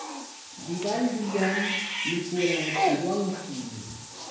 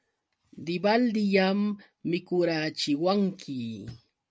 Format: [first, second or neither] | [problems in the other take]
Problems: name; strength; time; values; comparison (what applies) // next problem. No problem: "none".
second | background sound (Bathtub (filling or washing) / Cat); 2 dB below the speech // room echo; dies away in 1.1 s